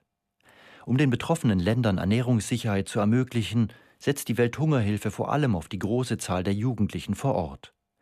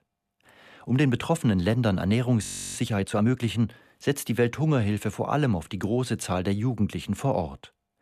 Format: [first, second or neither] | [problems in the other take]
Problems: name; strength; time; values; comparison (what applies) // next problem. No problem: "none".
first | audio freezing; at 2.5 s